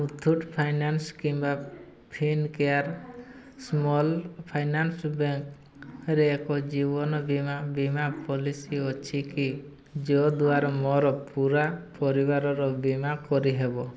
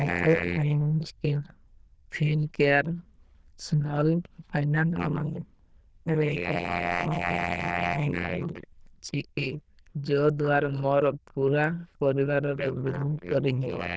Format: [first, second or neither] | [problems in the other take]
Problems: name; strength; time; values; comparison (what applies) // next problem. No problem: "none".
first | noise reduction (neural diffusion model UNIVERSE++)